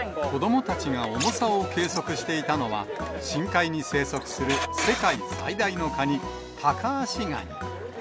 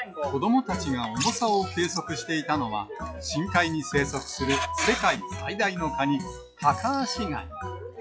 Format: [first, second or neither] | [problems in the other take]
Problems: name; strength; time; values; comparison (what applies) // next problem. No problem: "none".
first | noise reduction (classical method log-MMSE)